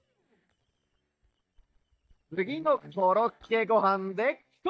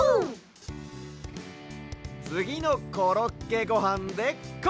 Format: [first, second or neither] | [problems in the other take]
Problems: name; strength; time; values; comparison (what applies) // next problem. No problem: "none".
second | noise reduction (neural mask model DeepFilterNet 3)